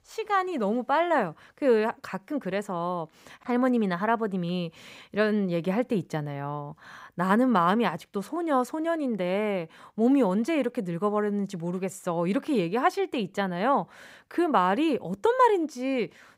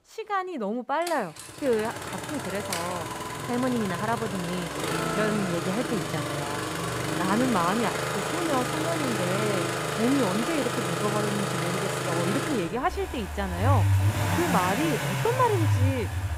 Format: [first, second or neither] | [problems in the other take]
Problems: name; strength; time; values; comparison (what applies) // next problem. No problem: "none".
first | traffic noise; very loud; throughout; 1 dB above the speech